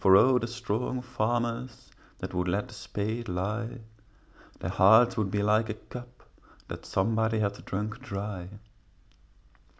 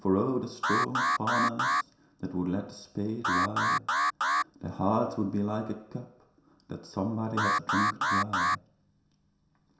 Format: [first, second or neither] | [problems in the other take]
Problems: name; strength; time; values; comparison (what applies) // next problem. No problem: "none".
first | background sound (Alarm); 4 dB above the speech // room echo; dies away in 0.7 s